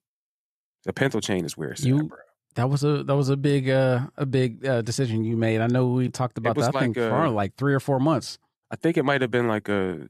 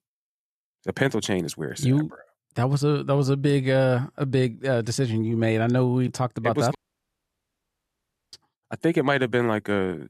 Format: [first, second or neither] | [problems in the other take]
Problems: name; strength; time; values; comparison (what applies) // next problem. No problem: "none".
first | audio cutting out; at 7 s for 1.5 s